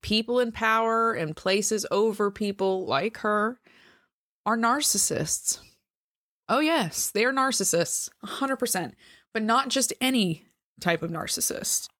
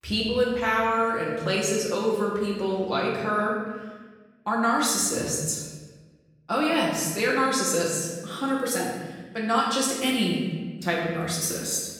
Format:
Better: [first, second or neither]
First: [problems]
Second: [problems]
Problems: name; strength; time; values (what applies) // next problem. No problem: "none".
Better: first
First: none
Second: off-mic speech; far // room echo; noticeable; dies away in 1.2 s